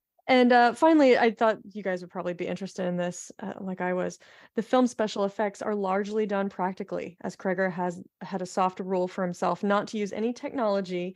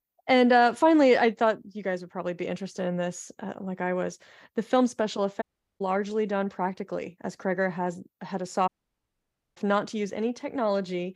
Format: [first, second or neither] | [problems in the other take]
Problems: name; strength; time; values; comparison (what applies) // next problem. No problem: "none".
first | audio cutting out; at 5.5 s and at 8.5 s for 1 s